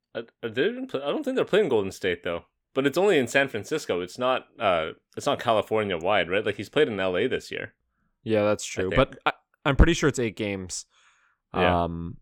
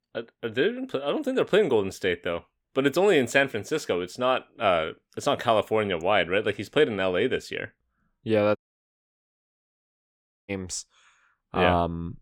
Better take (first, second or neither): first